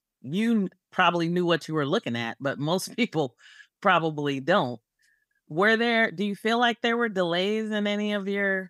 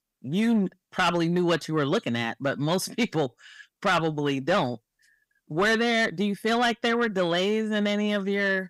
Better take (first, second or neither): first